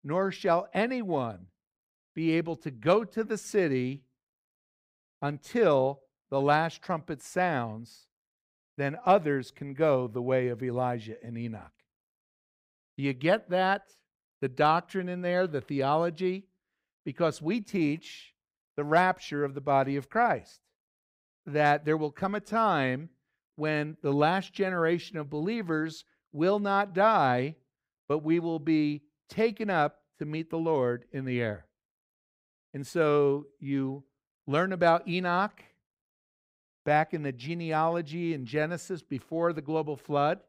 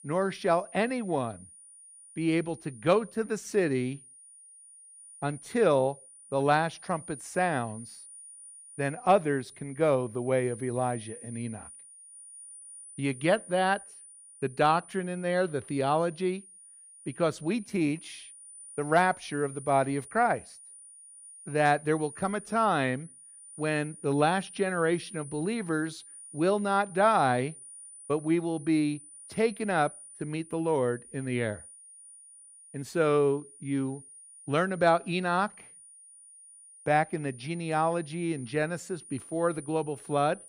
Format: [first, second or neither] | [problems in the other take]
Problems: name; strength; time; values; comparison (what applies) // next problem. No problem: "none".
first | high-pitched whine; noticeable; throughout; 9.5 kHz, 20 dB below the speech